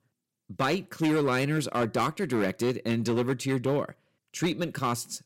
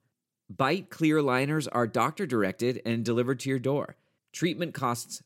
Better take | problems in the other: second | distortion; slight; 9% of the sound clipped

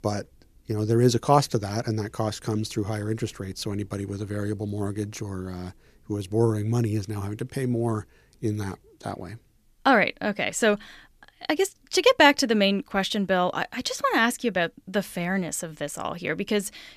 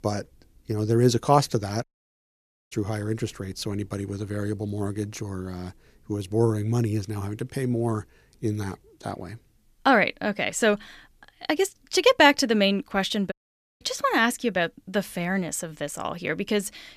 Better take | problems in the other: first | audio cutting out; at 2 s for 1 s and at 13 s

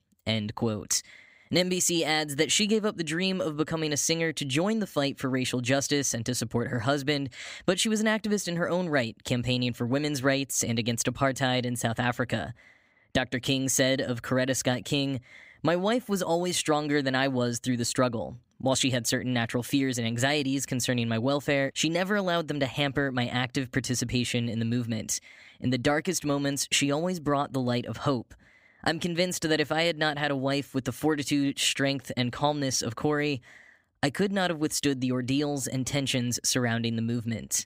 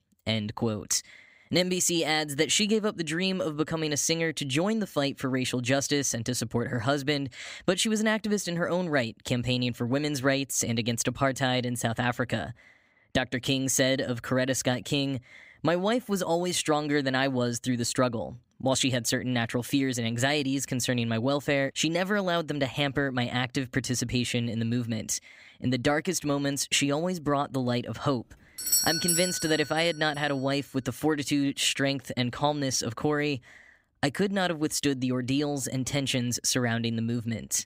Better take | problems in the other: first | doorbell; loud; at 29 s; peak 4 dB above the speech

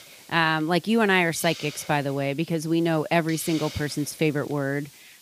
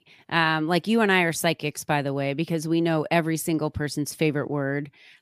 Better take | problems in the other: second | hiss; noticeable; throughout; 20 dB below the speech

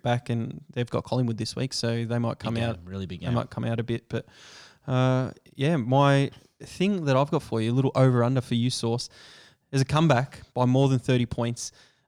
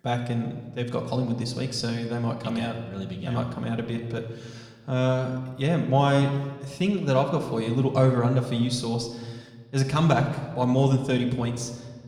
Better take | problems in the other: first | room echo; slight; dies away in 1.1 s // off-mic speech; somewhat distant

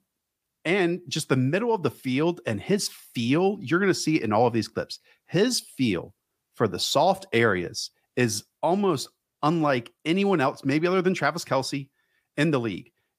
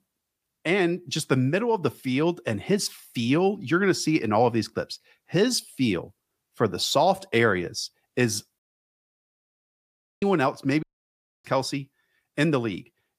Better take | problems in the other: first | audio cutting out; at 8.5 s for 1.5 s and at 11 s for 0.5 s

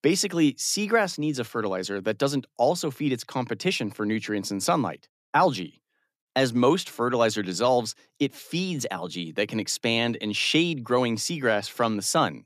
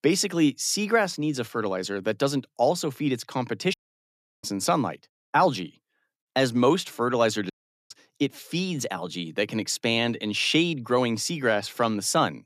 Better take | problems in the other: first | audio cutting out; at 3.5 s for 0.5 s and at 7.5 s

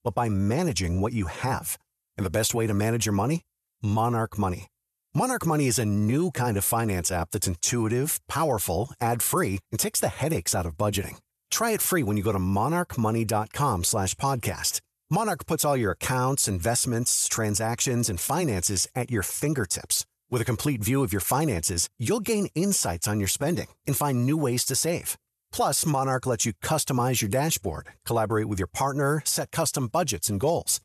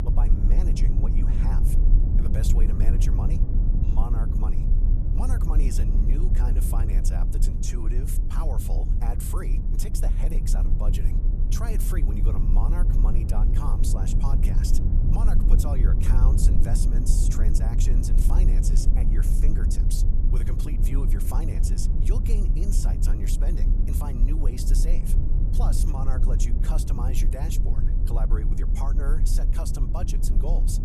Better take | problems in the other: first | low rumble; loud; throughout; 2 dB below the speech

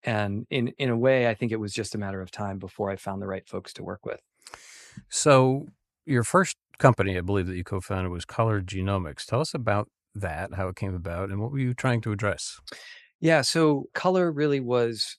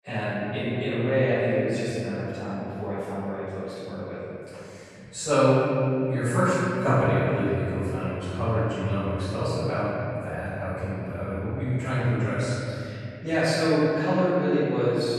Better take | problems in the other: first | off-mic speech; far // room echo; strong; dies away in 2.8 s

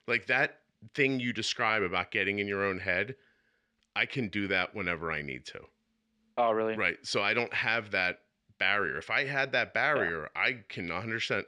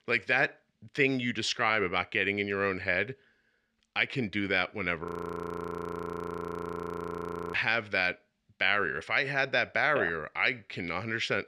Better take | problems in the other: first | audio freezing; at 5 s for 2.5 s

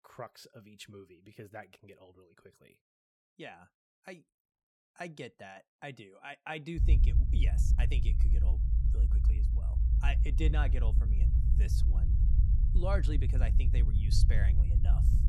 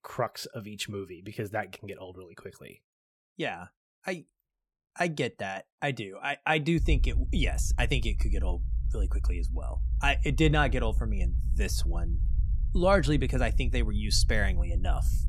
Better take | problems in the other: second | low rumble; loud; from 7 s on; 5 dB below the speech; faint in the second

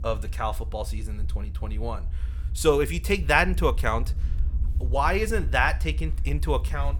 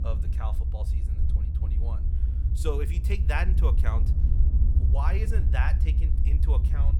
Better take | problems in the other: first | low rumble; loud; throughout; 7 dB below the speech; faint in the first

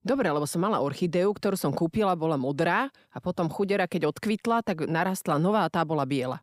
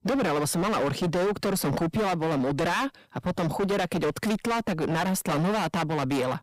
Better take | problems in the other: first | distortion; heavy; 29% of the sound clipped

